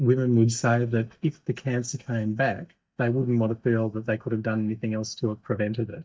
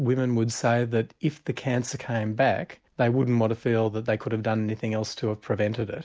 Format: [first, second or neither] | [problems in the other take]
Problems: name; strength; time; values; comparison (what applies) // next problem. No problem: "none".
second | noise reduction (neural mask model DeepFilterNet 3)